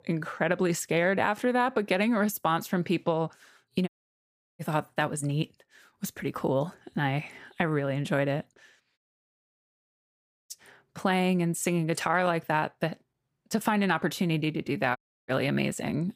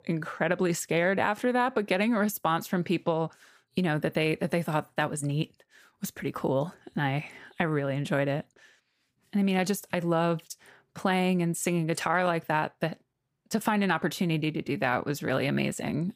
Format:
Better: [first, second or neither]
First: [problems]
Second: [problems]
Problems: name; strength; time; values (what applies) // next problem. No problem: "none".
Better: second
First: audio cutting out; at 4 s for 0.5 s, at 9 s for 1.5 s and at 15 s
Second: none